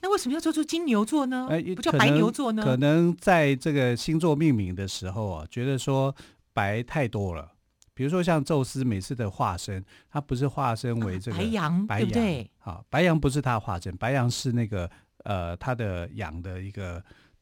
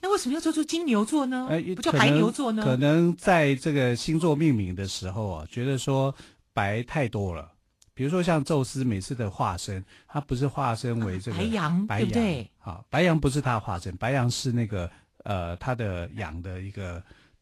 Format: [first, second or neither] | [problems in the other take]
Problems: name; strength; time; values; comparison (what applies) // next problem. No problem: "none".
first | garbled, watery; slightly